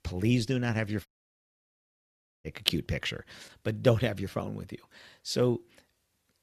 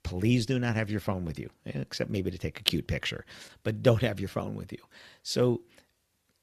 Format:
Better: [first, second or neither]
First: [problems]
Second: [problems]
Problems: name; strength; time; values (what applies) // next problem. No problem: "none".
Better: second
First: audio cutting out; at 1 s for 1.5 s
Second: none